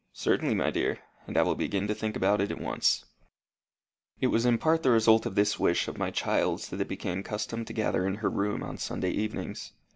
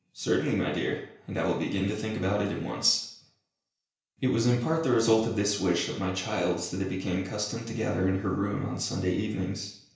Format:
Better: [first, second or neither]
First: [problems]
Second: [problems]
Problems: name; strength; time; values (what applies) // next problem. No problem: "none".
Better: first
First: none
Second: room echo; dies away in 0.5 s